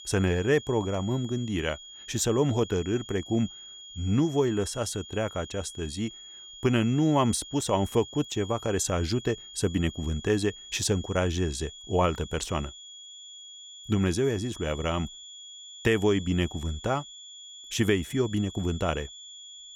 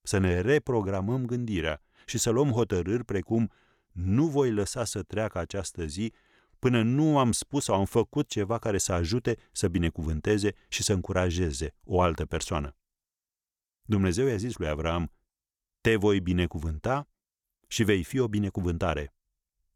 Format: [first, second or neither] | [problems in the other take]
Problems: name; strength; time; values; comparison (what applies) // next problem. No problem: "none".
second | high-pitched whine; noticeable; throughout; 3.5 kHz, 15 dB below the speech